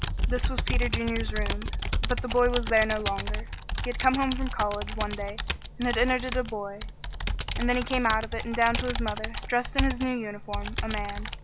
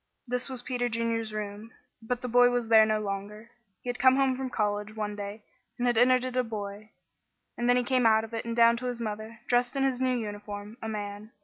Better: second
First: background sound (Computer keyboard); 1 dB below the speech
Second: none

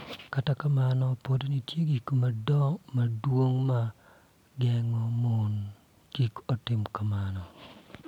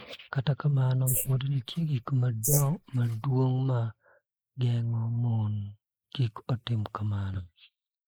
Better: first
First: none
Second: noise reduction (neural mask model Resemble Enhance denoiser)

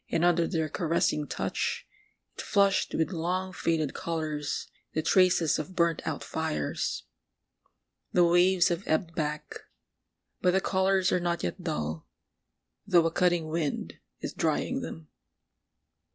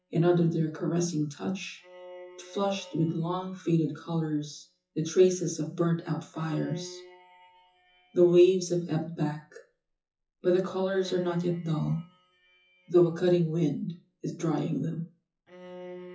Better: first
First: none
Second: noise reduction (classical method WPE with log-MMSE)

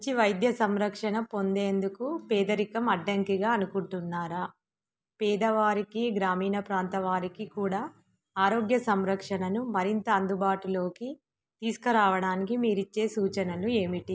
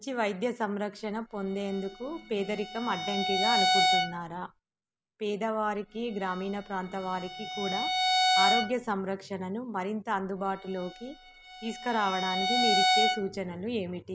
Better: first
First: none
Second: background sound (Bowed string instrument); 2 dB above the speech

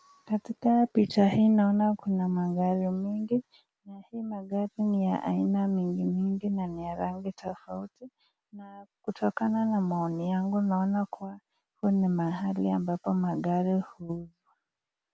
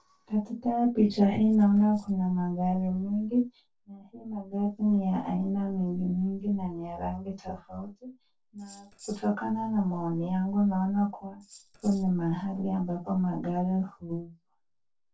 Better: first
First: none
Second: noise reduction (neural separator model SepFormer DNS4)

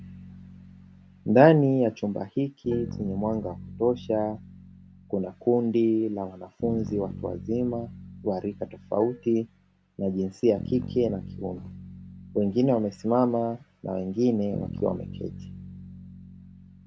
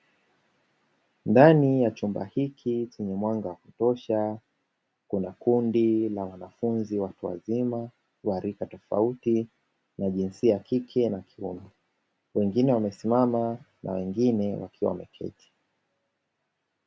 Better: second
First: background sound (Dishes, pots, and pans + Bass guitar); 14 dB below the speech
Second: none

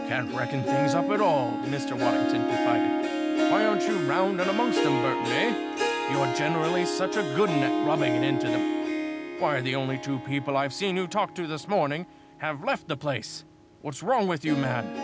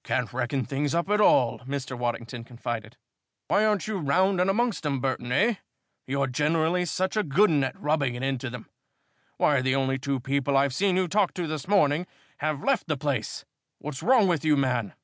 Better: second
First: background sound (Harp); as loud as the speech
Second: none

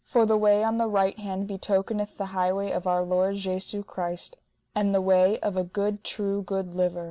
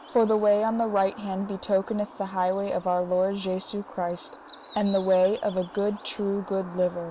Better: first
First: none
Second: background sound (Bird); 19 dB below the speech

